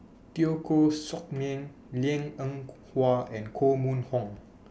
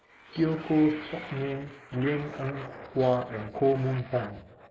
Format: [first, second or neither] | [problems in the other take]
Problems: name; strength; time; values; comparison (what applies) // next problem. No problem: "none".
first | noise reduction (neural mask model Resemble Enhance denoiser)